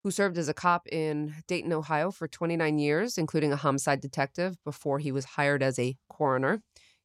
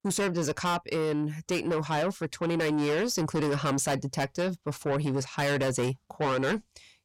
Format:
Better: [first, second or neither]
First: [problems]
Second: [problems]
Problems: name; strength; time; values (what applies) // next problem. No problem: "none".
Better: first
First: none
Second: distortion; heavy; 6 dB below the speech